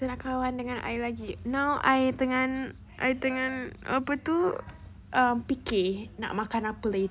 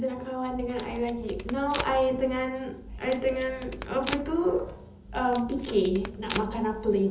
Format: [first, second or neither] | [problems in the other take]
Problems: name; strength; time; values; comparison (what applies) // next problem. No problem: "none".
first | background sound (Packing tape, duct tape); 12 dB below the speech // room echo; dies away in 0.7 s